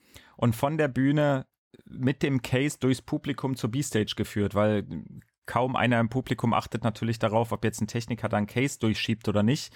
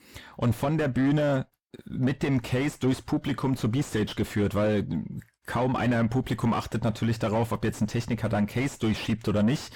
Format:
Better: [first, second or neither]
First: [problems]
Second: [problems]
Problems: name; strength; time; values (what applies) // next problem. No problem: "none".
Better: first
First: none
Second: distortion; heavy; 6 dB below the speech